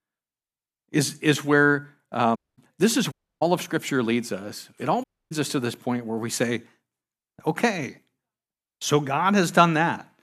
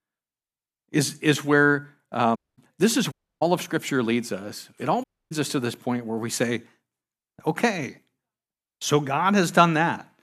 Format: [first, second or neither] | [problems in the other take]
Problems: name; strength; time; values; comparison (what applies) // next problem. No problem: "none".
neither | audio cutting out; at 2.5 s, at 3 s and at 5 s; the same in both